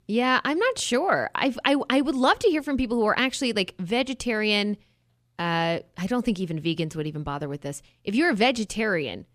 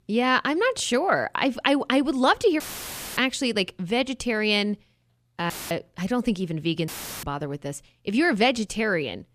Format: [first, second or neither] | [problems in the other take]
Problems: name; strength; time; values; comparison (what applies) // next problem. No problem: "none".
first | audio cutting out; filled with static; at 2.5 s for 0.5 s, at 5.5 s and at 7 s